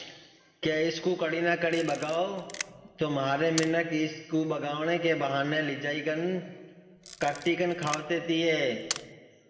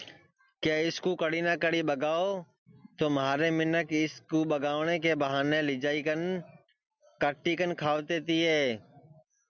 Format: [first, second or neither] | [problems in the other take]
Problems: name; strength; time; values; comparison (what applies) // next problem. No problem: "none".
second | background sound (Camera); 12 dB below the speech // room echo; dies away in 1.5 s